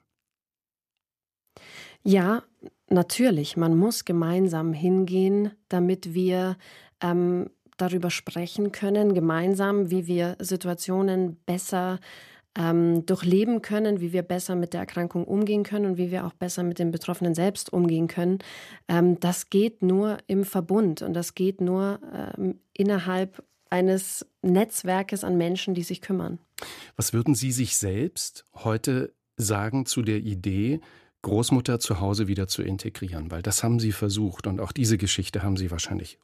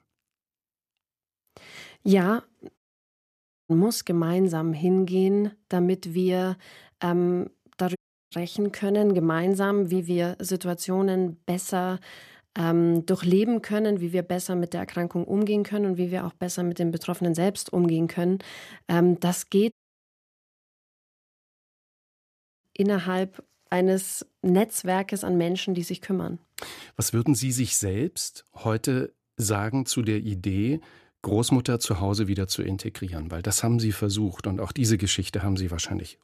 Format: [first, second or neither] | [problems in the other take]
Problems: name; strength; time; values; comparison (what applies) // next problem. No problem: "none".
first | audio cutting out; at 3 s for 1 s, at 8 s and at 20 s for 3 s